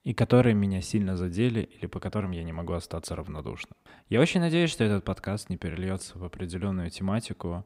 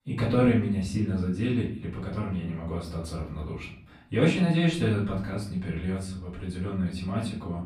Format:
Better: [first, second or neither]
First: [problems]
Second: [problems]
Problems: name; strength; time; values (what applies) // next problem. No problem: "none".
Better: first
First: none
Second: off-mic speech; far // room echo; noticeable; dies away in 0.5 s